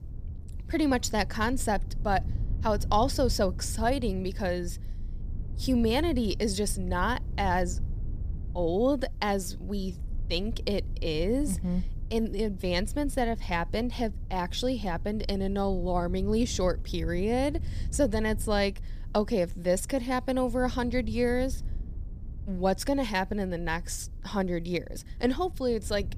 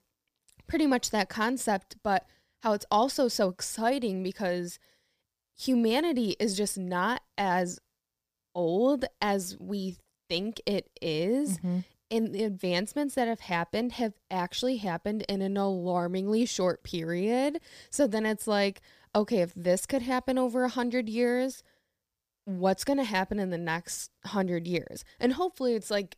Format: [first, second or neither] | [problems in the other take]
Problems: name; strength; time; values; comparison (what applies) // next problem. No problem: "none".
second | low rumble; faint; throughout; 25 dB below the speech